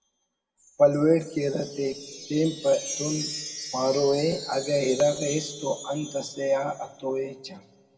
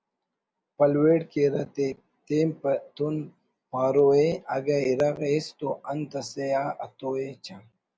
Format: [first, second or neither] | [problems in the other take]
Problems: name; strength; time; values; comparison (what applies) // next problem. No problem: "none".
second | background sound (Wind chime); 13 dB below the speech // room echo; dies away in 1.1 s